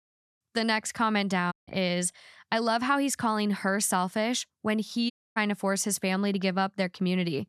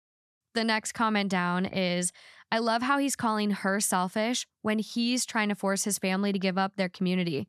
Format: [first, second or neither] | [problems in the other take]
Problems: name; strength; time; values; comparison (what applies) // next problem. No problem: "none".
second | audio cutting out; at 1.5 s and at 5 s